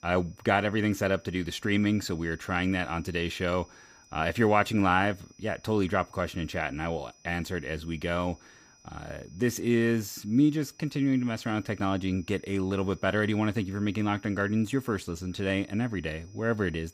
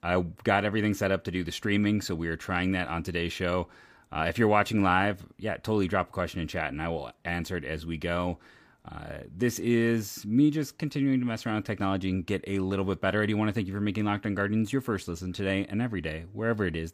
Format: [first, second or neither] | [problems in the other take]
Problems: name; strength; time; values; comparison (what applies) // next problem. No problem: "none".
second | high-pitched whine; faint; throughout; 6 kHz, 30 dB below the speech